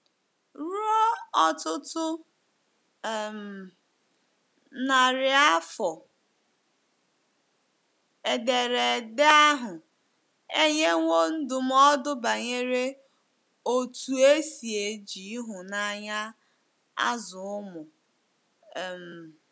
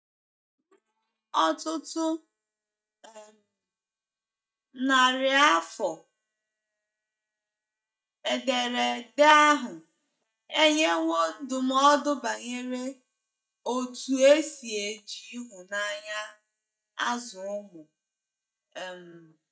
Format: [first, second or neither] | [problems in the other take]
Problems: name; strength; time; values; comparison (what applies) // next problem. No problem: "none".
first | noise reduction (neural mask model DeepFilterNet 3)